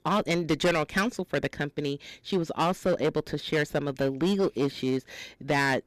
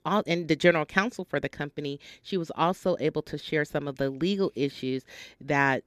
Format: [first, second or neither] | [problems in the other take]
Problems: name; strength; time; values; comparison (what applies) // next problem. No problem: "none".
second | distortion; heavy; 10% of the sound clipped